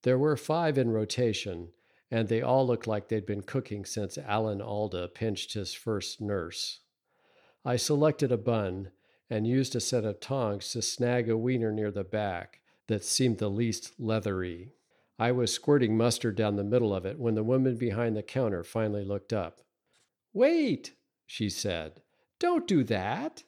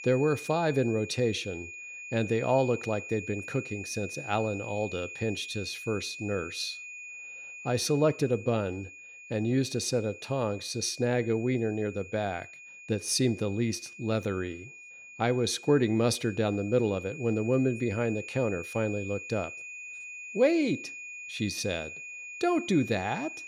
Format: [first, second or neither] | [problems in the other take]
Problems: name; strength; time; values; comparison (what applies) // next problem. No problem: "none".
first | high-pitched whine; noticeable; throughout; 2.5 kHz, 10 dB below the speech